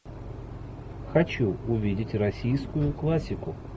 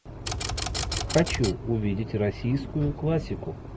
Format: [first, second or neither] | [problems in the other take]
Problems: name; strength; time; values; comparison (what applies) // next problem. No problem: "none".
first | background sound (Typewriter); 4 dB below the speech